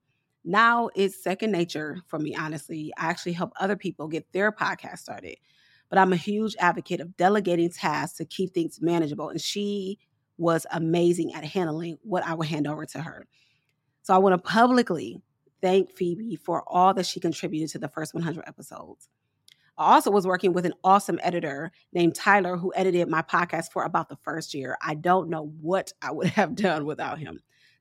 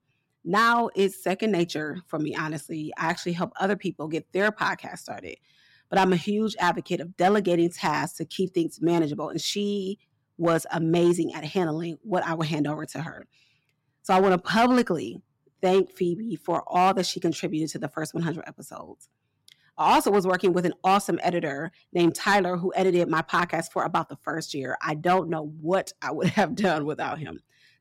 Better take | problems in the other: first | distortion; slight; 2% of the sound clipped

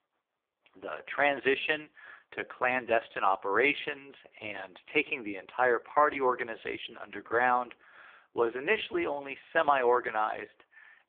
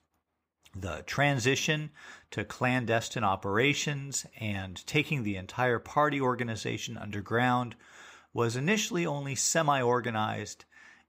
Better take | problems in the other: second | phone-call audio; poor line

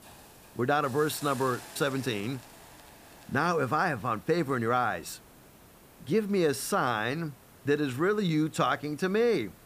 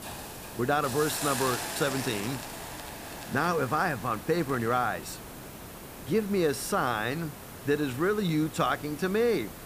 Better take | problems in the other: first | hiss; loud; throughout; 10 dB below the speech; faint in the first

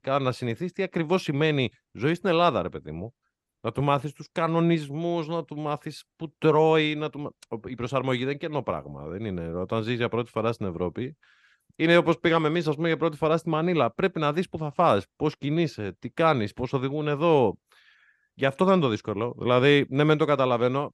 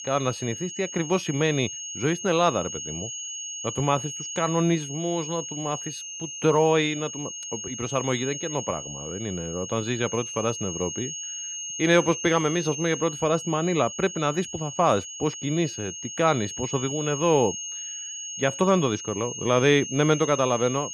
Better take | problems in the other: first | high-pitched whine; loud; throughout; 6.5 kHz, 7 dB below the speech

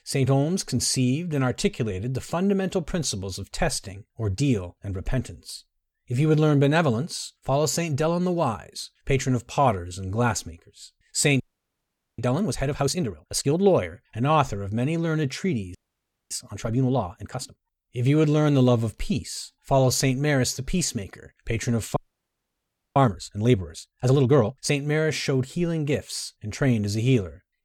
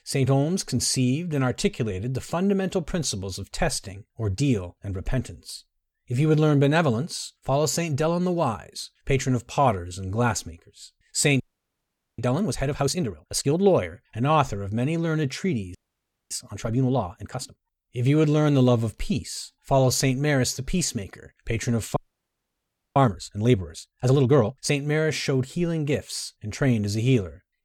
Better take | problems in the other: neither | audio freezing; at 11 s for 1 s, at 16 s for 0.5 s and at 22 s for 1 s; the same in both

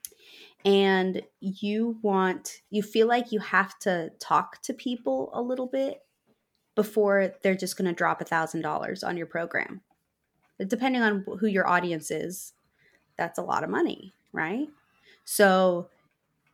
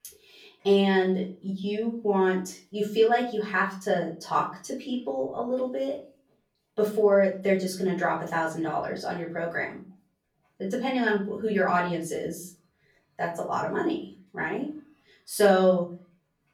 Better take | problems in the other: first | off-mic speech; far // room echo; slight; dies away in 0.3 s

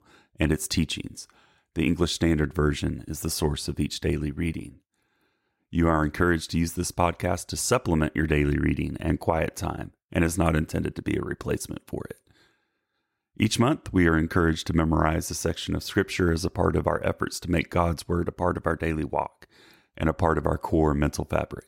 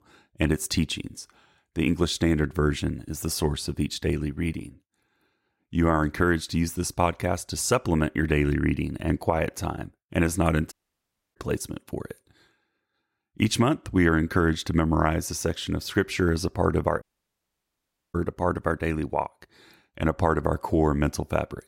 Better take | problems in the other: first | audio cutting out; at 11 s for 0.5 s and at 17 s for 1 s

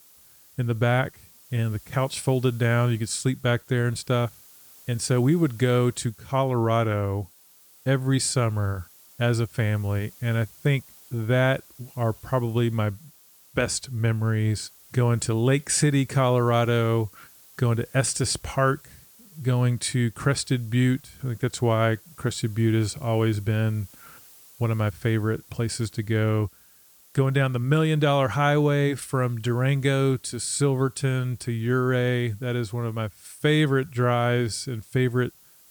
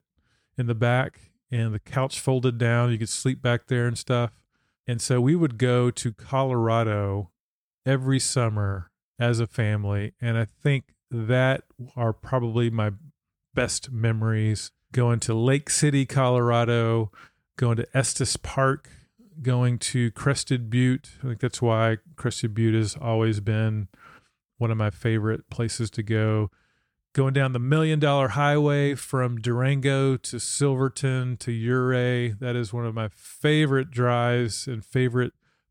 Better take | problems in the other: second | hiss; faint; throughout; 25 dB below the speech

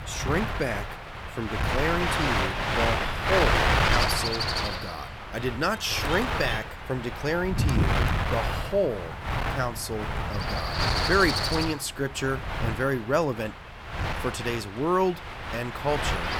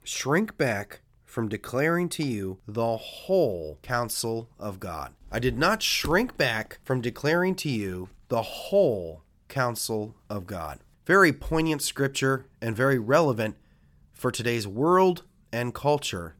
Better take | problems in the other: second | wind noise on the microphone; heavy; 1 dB above the speech

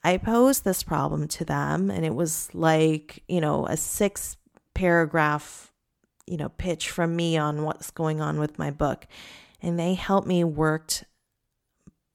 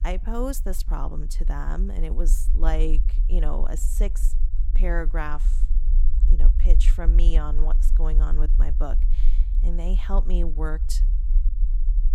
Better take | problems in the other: first | low rumble; noticeable; throughout; 15 dB below the speech

